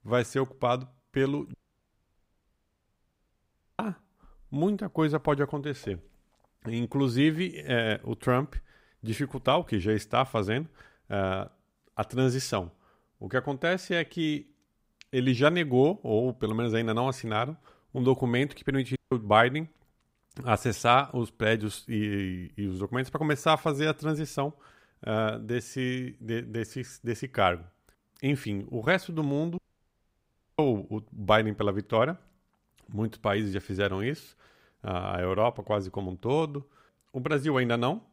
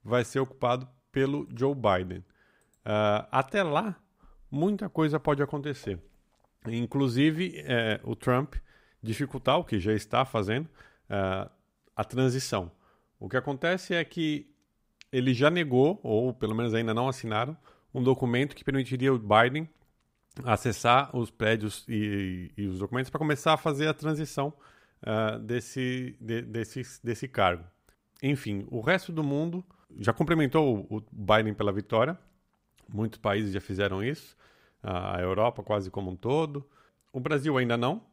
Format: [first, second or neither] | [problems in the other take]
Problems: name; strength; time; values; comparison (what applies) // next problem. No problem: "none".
second | audio cutting out; at 1.5 s for 2.5 s, at 19 s and at 30 s for 1 s